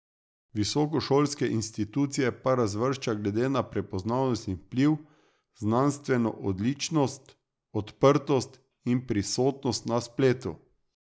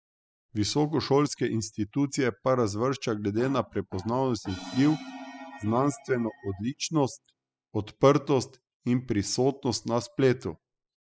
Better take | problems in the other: first | noise reduction (classical method spectral subtraction)

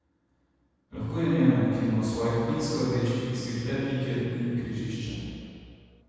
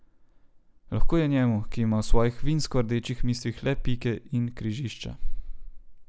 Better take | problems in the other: second | room echo; dies away in 2.1 s

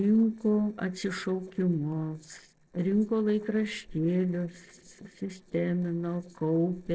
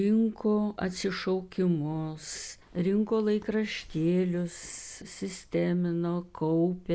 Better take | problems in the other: second | noise reduction (neural separator model SepFormer DNS4)

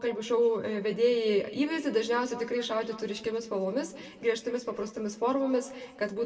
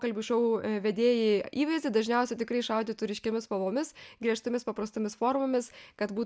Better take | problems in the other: second | room echo; dies away in 1.4 s

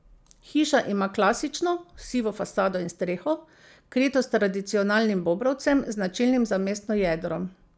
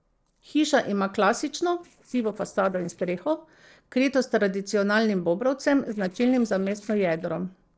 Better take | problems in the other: first | noise reduction (neural separator model SepFormer DNS4)

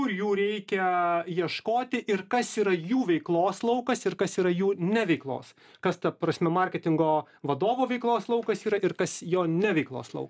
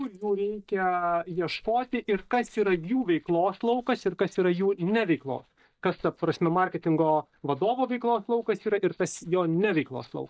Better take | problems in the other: first | noise reduction (neural mask model DeepFilterNet 3)

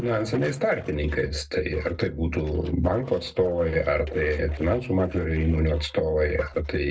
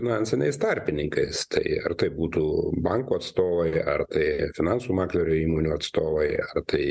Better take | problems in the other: second | noise reduction (neural separator model SepFormer DNS4)

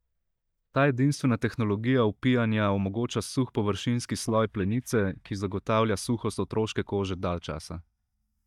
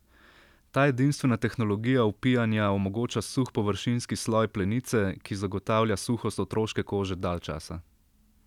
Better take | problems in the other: second | noise reduction (neural mask model DeepFilterNet 3)

